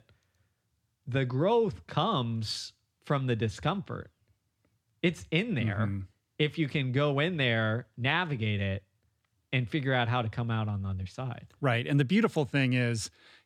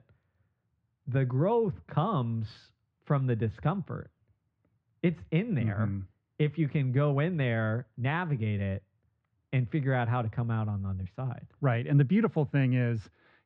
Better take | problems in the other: first | muffled; very; fading above 1.5 kHz

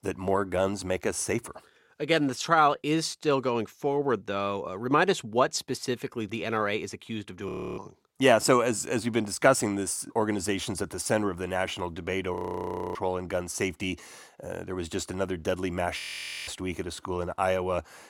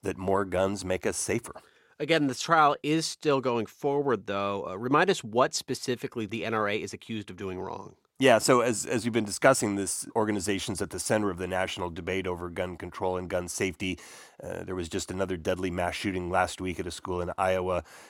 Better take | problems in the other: second | audio freezing; at 7.5 s, at 12 s for 0.5 s and at 16 s

